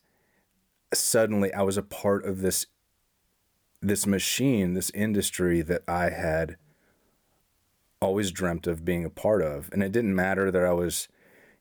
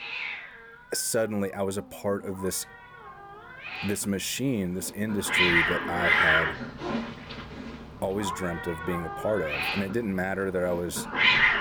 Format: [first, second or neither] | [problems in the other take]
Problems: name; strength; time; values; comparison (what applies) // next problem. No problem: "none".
first | animal sounds; very loud; throughout; 4 dB above the speech